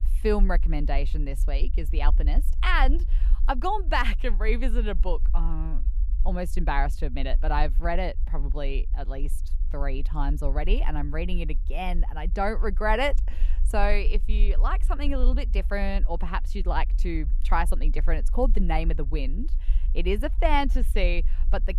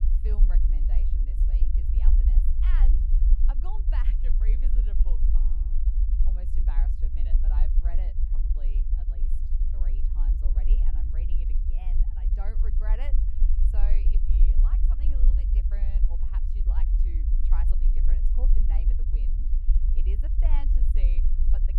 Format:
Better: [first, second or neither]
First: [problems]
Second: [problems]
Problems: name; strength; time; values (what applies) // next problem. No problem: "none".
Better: first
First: low rumble; faint; throughout; 25 dB below the speech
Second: low rumble; loud; throughout; 1 dB below the speech